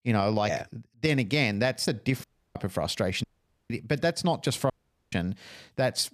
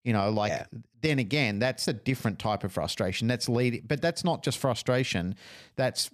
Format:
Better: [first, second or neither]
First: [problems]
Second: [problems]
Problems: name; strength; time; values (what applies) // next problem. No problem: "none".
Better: second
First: audio cutting out; at 2 s, at 3 s and at 4.5 s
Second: none